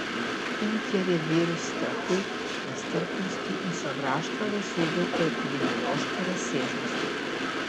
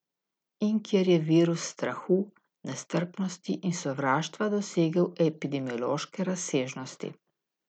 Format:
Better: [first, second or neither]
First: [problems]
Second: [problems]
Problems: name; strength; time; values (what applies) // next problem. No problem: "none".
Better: second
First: background sound (Train); 1 dB above the speech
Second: none